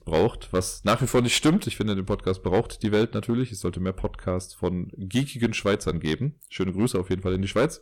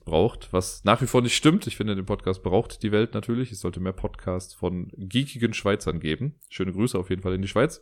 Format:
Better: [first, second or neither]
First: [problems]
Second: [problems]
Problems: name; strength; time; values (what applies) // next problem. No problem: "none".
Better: second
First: distortion; slight; 4% of the sound clipped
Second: none